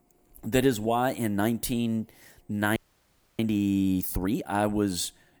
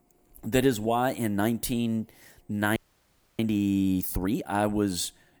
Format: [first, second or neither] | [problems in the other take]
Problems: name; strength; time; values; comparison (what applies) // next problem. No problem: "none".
neither | audio freezing; at 3 s for 0.5 s; the same in both